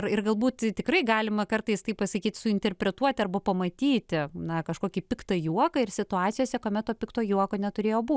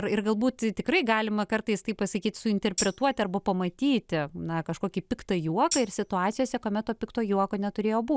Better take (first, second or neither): first